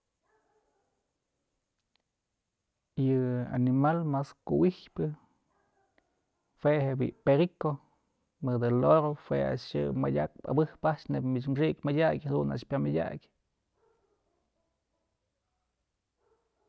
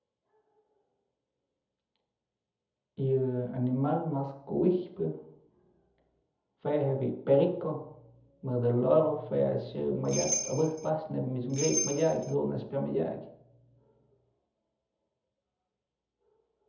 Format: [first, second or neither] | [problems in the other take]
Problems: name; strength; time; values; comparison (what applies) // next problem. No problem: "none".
first | background sound (Bell); 3 dB below the speech // room echo; dies away in 0.7 s